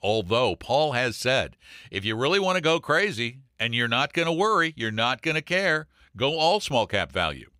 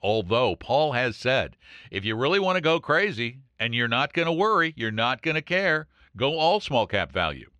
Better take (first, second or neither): first